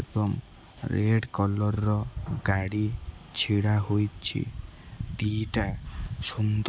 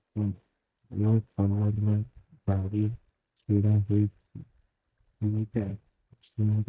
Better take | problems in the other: first | noise reduction (neural mask model DeepFilterNet 3)

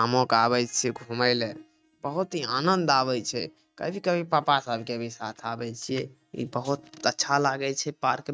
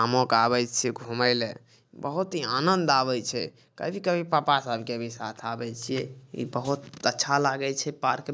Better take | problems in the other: second | noise reduction (neural mask model RNNoise)

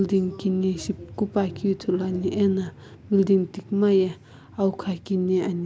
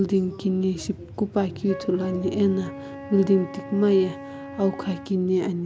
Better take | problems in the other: first | background sound (Wind instrument, woodwind instrument); 15 dB below the speech

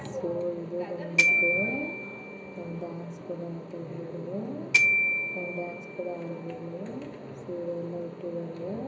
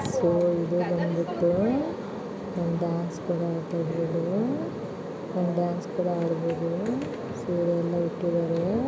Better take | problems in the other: second | background sound (Glockenspiel); 5 dB above the speech // room echo; dies away in 0.5 s

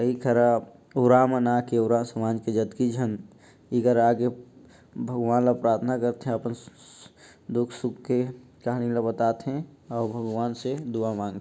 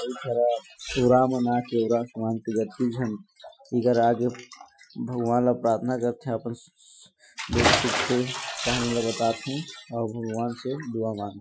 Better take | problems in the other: first | noise reduction (classical method Wiener filter)

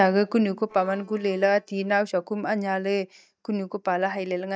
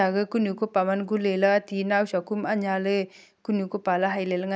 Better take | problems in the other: second | noise reduction (neural mask model DeepFilterNet 3)

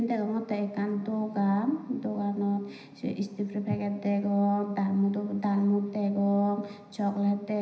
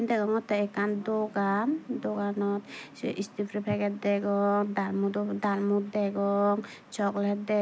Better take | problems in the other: second | room echo; dies away in 0.9 s

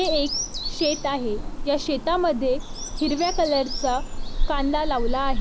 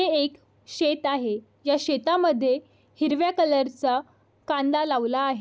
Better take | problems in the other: second | background sound (Bird vocalization, bird call, bird song); 1 dB below the speech

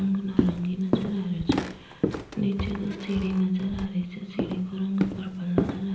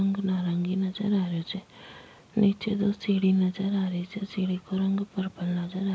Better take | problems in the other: second | background sound (Walk, footsteps); 2 dB below the speech // room echo; dies away in 0.9 s

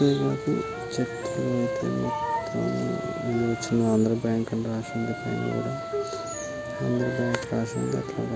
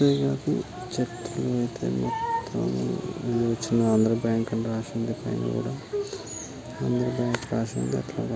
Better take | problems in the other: second | background sound (Wind instrument, woodwind instrument); 8 dB below the speech

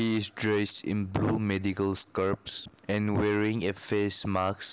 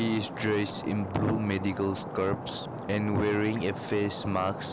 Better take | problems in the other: first | background sound (Stream); 8 dB below the speech

